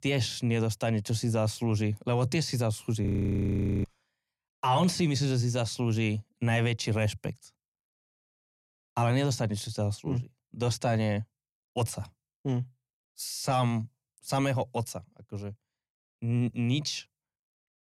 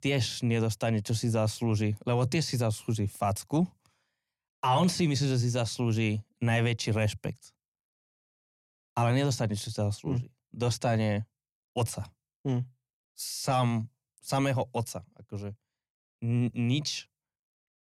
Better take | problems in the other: second | audio freezing; at 3 s for 1 s

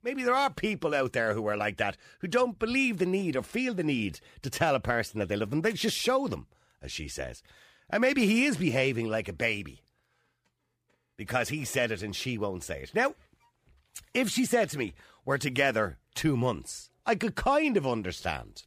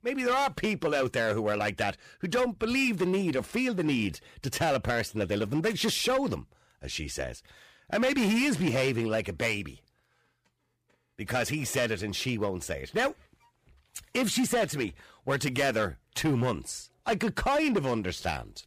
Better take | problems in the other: first | distortion; slight; 8% of the sound clipped

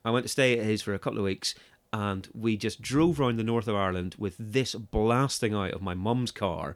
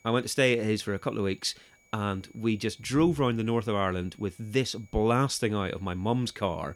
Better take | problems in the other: first | high-pitched whine; faint; throughout; 2.5 kHz, 35 dB below the speech

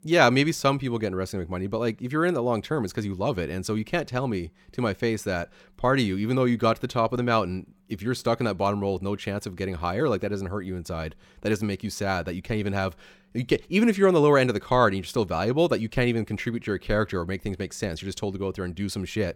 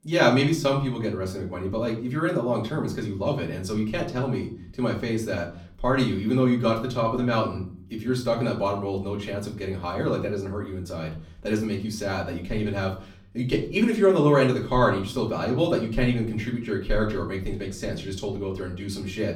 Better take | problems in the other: first | room echo; slight; dies away in 0.4 s // off-mic speech; far

